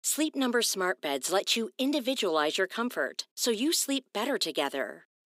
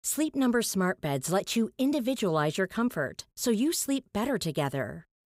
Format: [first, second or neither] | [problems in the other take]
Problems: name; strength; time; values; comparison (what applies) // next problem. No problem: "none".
second | thin; very slightly; fading below 250 Hz